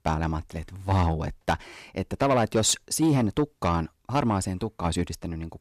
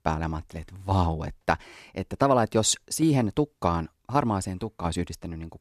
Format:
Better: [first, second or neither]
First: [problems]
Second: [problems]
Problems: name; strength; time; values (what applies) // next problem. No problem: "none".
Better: second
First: distortion; slight; 10 dB below the speech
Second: none